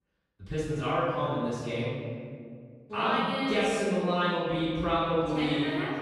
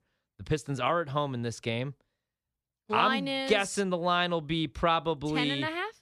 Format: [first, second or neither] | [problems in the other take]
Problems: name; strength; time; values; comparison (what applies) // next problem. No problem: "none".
second | room echo; strong; dies away in 2.1 s // off-mic speech; far